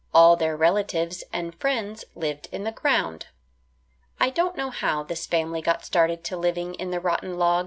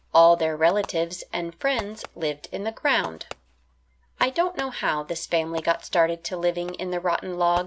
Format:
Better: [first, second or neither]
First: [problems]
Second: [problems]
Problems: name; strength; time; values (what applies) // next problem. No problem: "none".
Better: first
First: none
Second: background sound (Fireworks); 19 dB below the speech